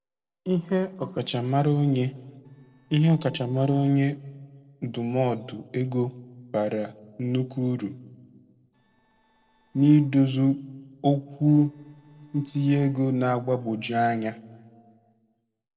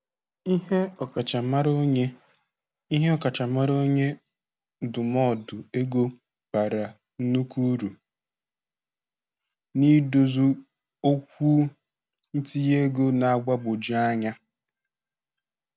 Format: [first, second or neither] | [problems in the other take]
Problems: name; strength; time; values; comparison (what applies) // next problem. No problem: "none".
second | noise reduction (neural separator model SepFormer DNS4)